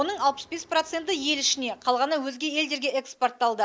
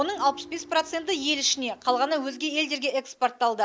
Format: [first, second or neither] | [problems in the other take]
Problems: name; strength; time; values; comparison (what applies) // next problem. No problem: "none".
first | background sound (Ringtone); 20 dB below the speech